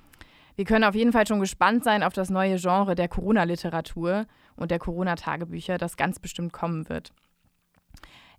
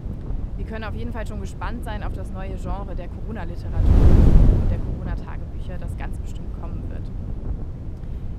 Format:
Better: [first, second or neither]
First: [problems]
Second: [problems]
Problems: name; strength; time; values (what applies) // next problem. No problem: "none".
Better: first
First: none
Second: wind noise on the microphone; heavy; 1 dB above the speech